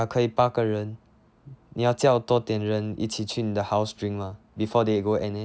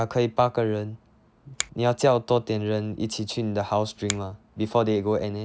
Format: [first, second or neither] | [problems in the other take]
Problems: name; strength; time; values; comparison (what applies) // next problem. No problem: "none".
first | background sound (Finger snapping); 14 dB below the speech